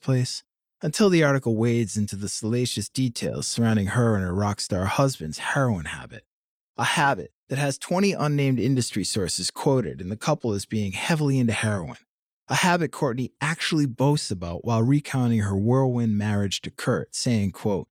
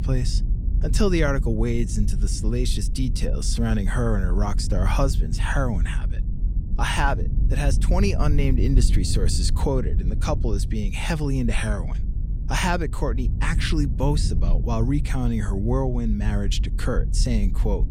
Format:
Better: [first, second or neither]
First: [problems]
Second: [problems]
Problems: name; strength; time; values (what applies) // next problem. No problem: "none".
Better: first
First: none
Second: low rumble; noticeable; throughout; 15 dB below the speech